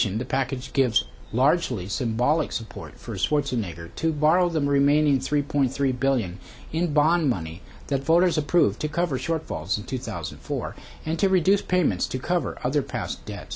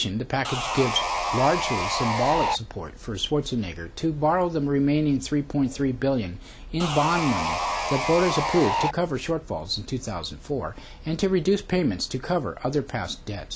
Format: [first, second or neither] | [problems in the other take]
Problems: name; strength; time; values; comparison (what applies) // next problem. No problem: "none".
first | background sound (Sawing); 1 dB below the speech